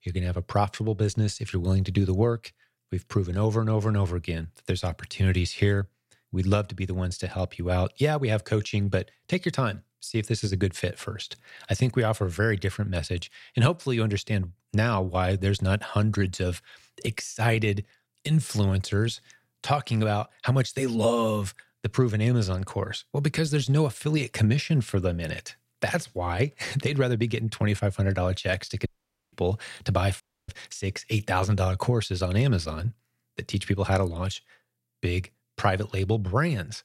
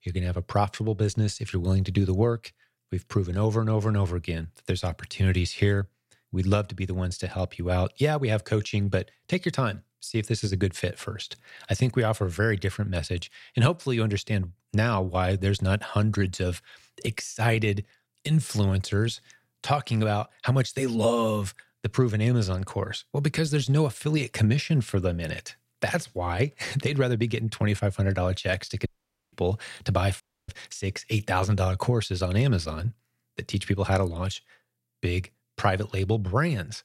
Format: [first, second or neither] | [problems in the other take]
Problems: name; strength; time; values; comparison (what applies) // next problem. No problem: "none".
neither | audio cutting out; at 29 s and at 30 s; the same in both